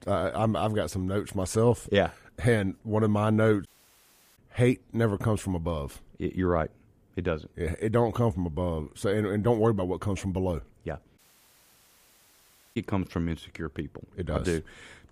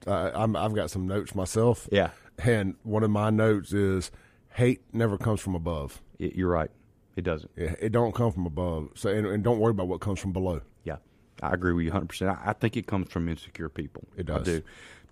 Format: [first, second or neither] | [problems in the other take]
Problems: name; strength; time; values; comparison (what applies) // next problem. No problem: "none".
second | audio cutting out; at 3.5 s for 0.5 s and at 11 s for 1.5 s